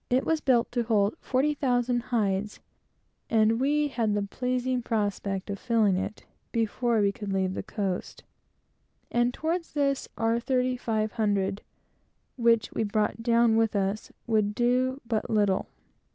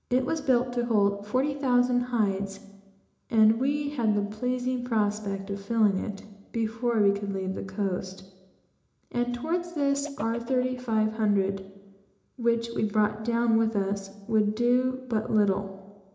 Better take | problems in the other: first | background sound (Chicken, rooster); 19 dB below the speech // room echo; dies away in 0.8 s

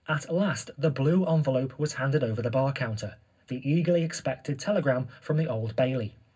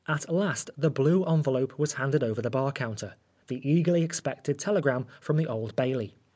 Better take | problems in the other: second | room echo; dies away in 0.4 s

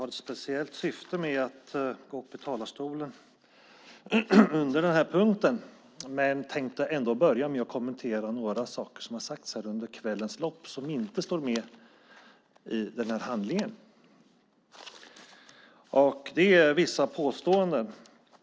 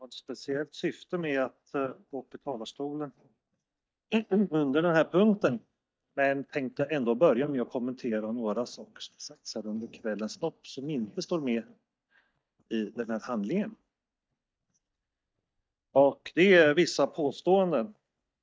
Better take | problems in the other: first | noise reduction (neural mask model DeepFilterNet 3)

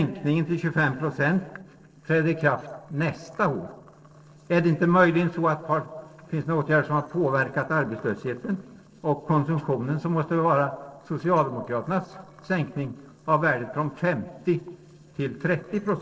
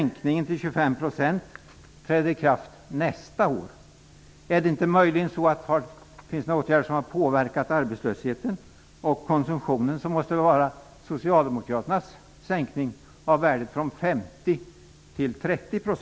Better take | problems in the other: second | noise reduction (neural separator model SepFormer DNS4)

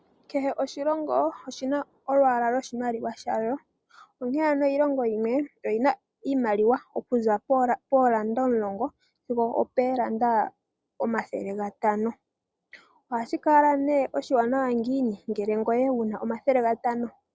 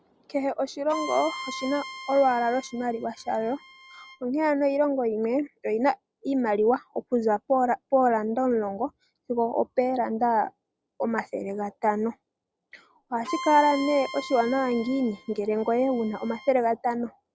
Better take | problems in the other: first | background sound (Bowed string instrument); 13 dB below the speech

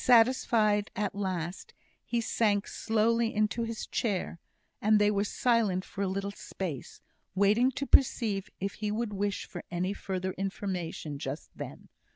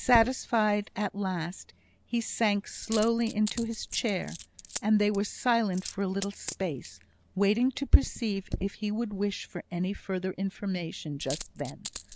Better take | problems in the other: first | background sound (Coin (dropping)); 14 dB below the speech

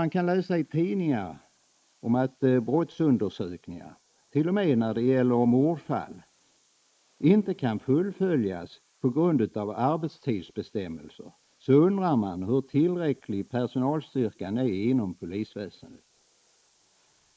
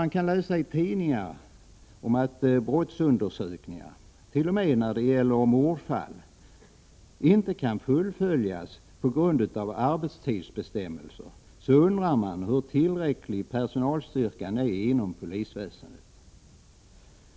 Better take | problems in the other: second | noise reduction (neural mask model Resemble Enhance denoiser)

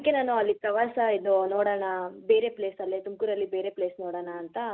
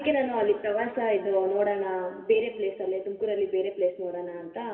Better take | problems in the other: first | room echo; dies away in 1.8 s

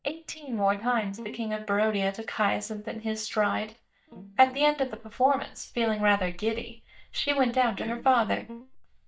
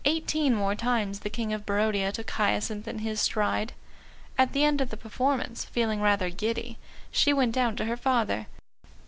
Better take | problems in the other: second | noise reduction (neural mask model DeepFilterNet 3)

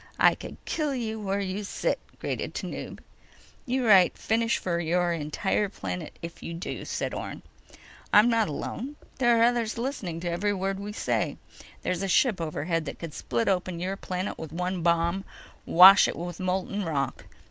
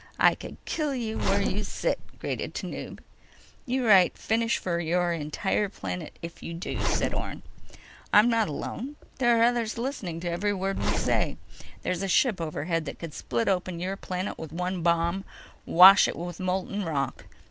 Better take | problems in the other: first | background sound (Zipper (clothing)); 1 dB above the speech

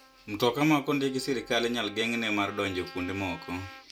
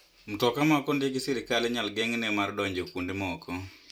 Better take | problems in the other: second | background sound (Trumpet); 20 dB below the speech

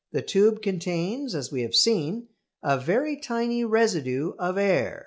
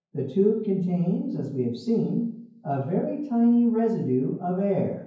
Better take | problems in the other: first | room echo; dies away in 0.9 s

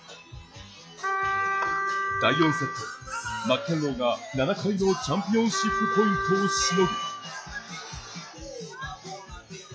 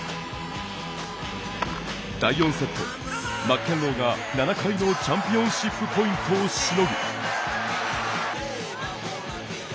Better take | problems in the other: second | noise reduction (classical method log-MMSE)

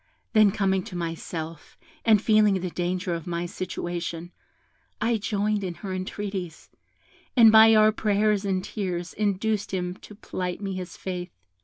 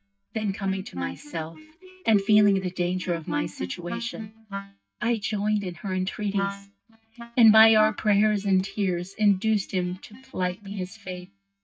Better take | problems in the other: first | noise reduction (neural mask model DeepFilterNet 3)

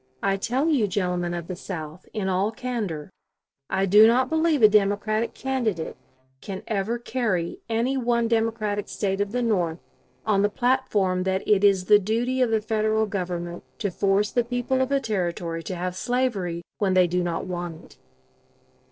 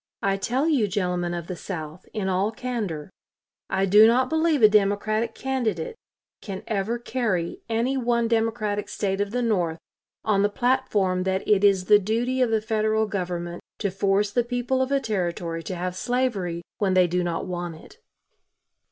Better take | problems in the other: second | noise reduction (neural separator model SepFormer DNS4)

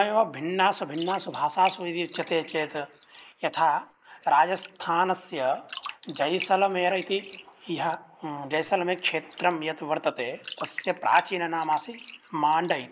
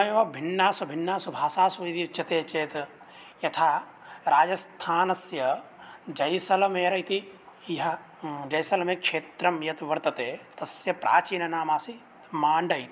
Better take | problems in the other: second | noise reduction (neural mask model Resemble Enhance denoiser)

